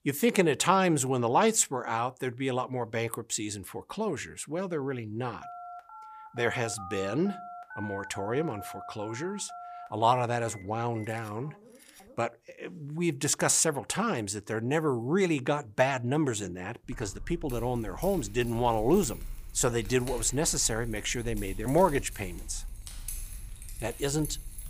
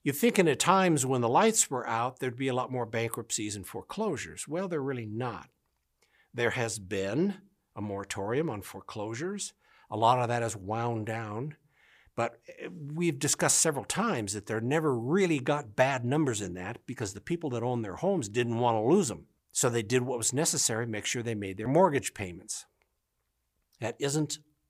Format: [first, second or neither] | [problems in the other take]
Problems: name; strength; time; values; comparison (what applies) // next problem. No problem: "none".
second | phone ringing; faint; from 5.5 to 12 s; peak 10 dB below the speech // jangling keys; noticeable; from 17 s on; peak 9 dB below the speech